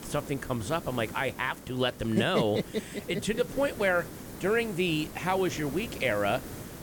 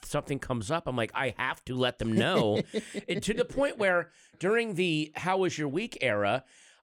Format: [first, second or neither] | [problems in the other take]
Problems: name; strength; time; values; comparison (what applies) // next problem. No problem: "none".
second | hiss; noticeable; throughout; 15 dB below the speech